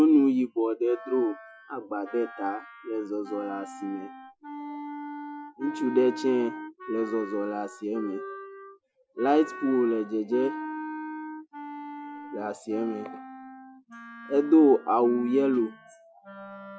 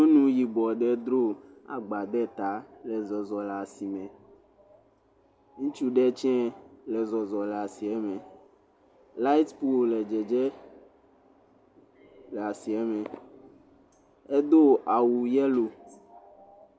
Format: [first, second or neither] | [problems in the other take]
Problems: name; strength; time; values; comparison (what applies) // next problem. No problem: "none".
second | noise reduction (classical method Wiener filter)